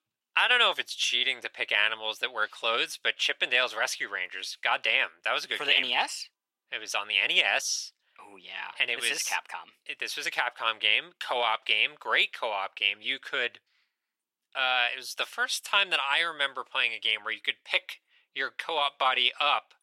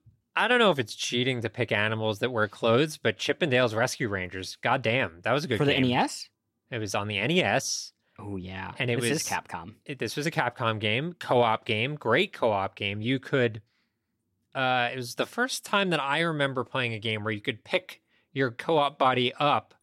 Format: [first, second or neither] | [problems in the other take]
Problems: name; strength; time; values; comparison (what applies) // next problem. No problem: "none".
second | thin; very; fading below 850 Hz